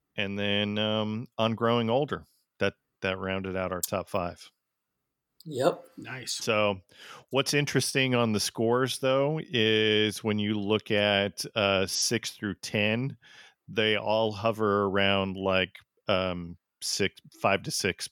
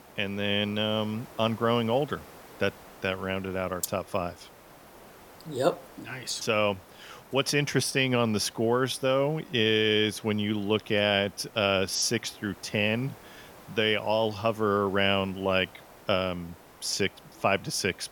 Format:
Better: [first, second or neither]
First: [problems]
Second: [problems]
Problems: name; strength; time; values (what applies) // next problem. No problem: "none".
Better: first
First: none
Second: hiss; faint; throughout; 25 dB below the speech